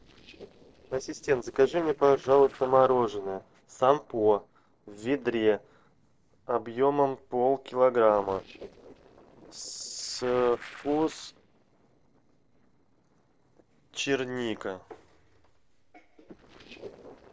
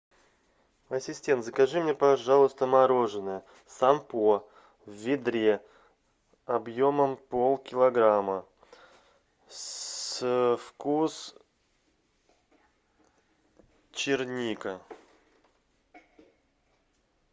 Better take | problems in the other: second | noise reduction (neural separator model SepFormer DNS4)

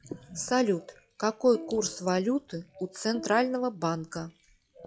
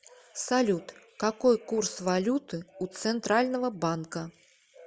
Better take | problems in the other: second | noise reduction (classical method log-MMSE)

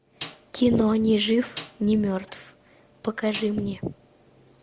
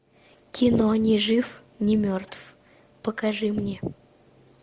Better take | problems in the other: second | background sound (Snare drum); 18 dB below the speech

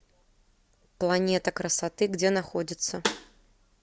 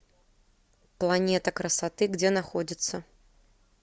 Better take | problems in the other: second | background sound (Snare drum); 3 dB below the speech

